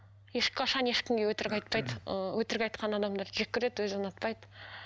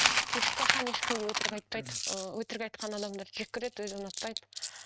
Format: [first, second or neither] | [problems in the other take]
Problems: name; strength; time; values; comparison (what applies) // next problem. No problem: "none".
first | noise reduction (neural mask model RNNoise)